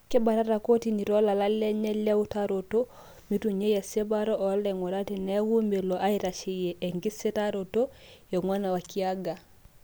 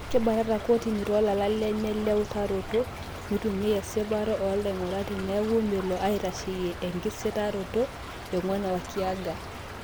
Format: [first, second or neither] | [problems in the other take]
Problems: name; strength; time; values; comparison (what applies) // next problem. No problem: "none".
first | background sound (Stream / Trickle, dribble); 10 dB below the speech